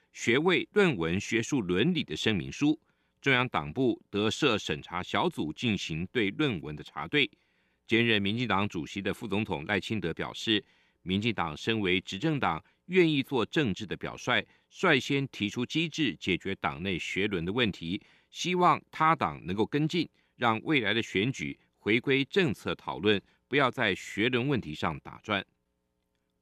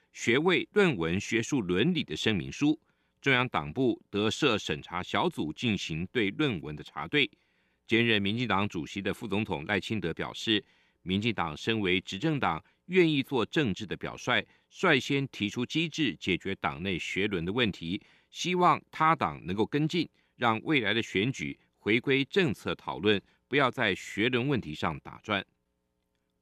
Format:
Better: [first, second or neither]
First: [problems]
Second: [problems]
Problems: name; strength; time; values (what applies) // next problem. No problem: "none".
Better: neither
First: none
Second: none